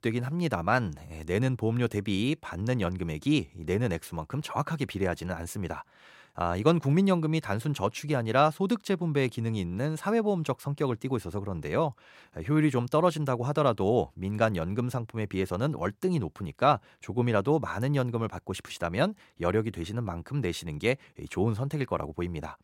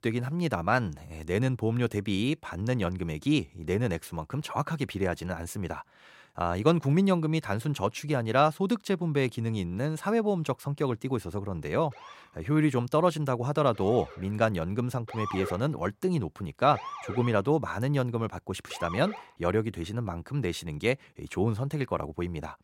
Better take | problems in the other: first | siren; noticeable; from 12 to 19 s; peak 7 dB below the speech

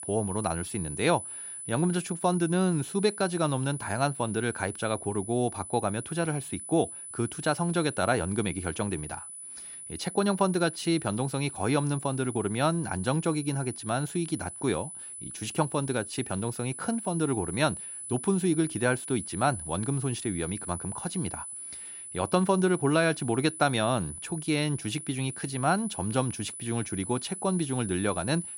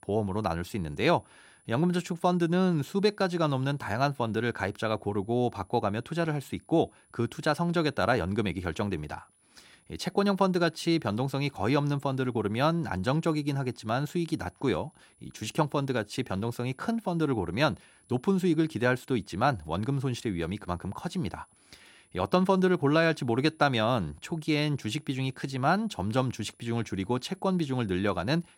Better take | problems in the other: second | high-pitched whine; loud; throughout; 10 kHz, 9 dB below the speech; faint in the second

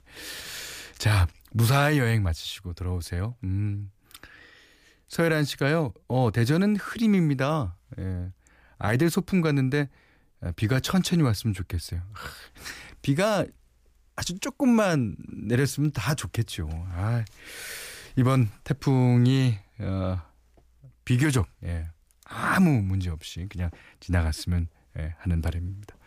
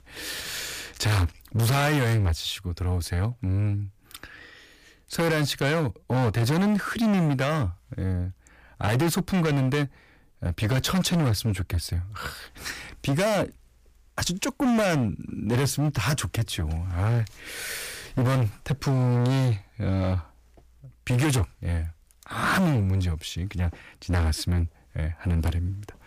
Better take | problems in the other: first | distortion; heavy; 15% of the sound clipped

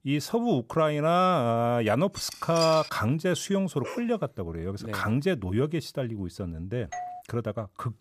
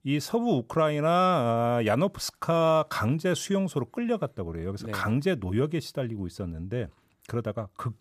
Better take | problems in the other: second | clattering dishes; noticeable; at 2 s; peak 4 dB below the speech // dog barking; faint; at 4 s; peak 10 dB below the speech // doorbell; noticeable; at 7 s; peak 10 dB below the speech

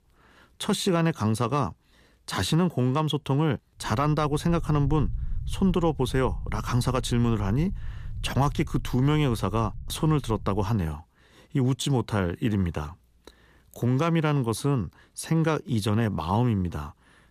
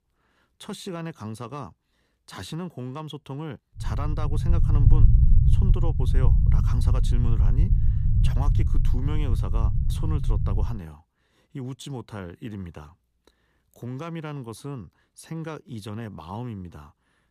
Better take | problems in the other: first | low rumble; loud; from 4 to 11 s; 1 dB below the speech; faint in the first

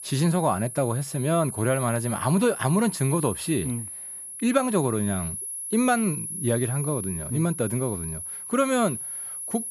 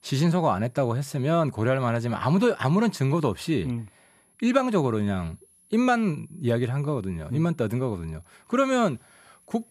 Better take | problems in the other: second | high-pitched whine; loud; throughout; 10.5 kHz, 7 dB below the speech; faint in the second

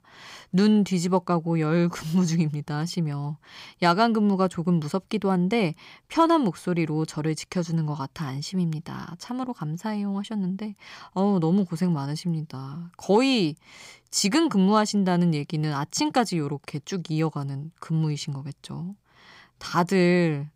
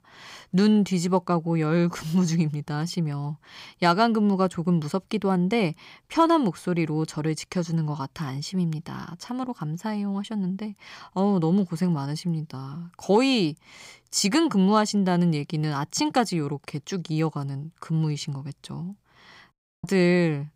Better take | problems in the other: first | audio cutting out; at 20 s

